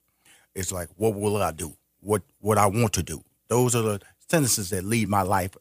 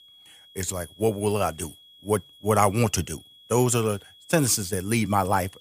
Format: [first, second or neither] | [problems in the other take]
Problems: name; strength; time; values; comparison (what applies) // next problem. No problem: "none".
first | high-pitched whine; faint; throughout; 3.5 kHz, 25 dB below the speech